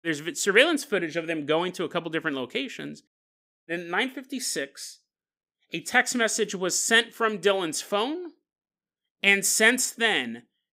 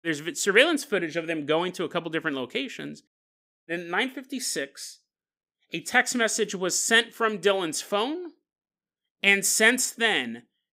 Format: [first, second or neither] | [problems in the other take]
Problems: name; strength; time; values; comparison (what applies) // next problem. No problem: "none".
neither | none